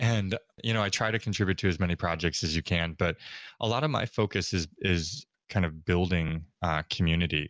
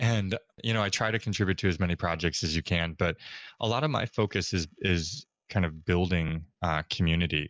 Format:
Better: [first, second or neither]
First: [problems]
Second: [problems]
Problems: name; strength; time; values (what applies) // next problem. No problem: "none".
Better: first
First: none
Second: noise reduction (neural mask model Resemble Enhance denoiser)